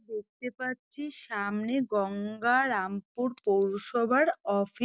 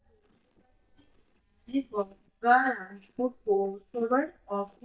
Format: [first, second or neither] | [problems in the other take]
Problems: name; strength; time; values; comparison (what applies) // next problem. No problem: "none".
first | noise reduction (neural mask model DeepFilterNet 3)